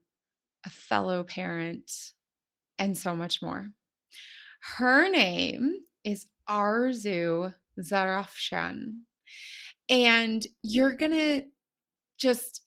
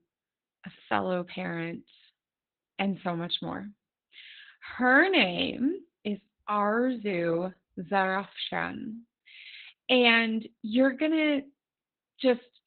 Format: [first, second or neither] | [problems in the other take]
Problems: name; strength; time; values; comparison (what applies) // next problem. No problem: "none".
first | garbled, watery; badly; nothing above 4 kHz; slightly in the first